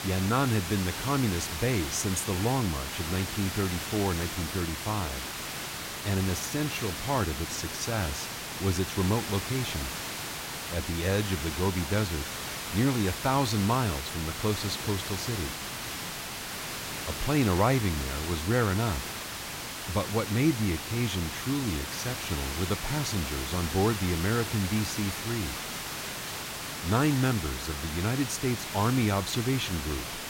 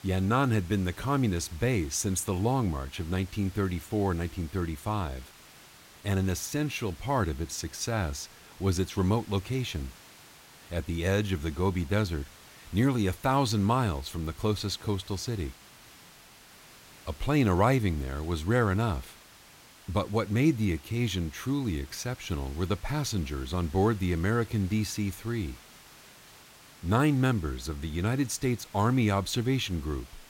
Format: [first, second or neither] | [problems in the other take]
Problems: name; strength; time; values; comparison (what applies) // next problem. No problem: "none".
second | hiss; loud; throughout; 4 dB below the speech; faint in the second